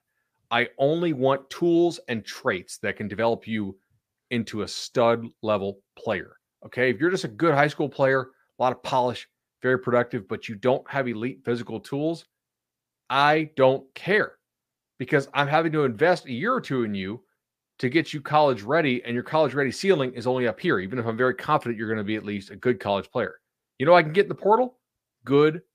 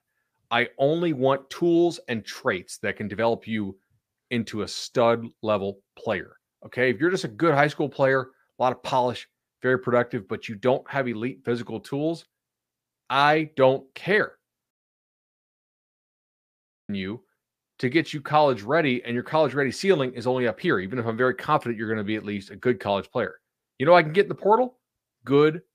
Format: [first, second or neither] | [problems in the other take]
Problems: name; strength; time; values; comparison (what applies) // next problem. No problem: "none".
first | audio cutting out; at 15 s for 2 s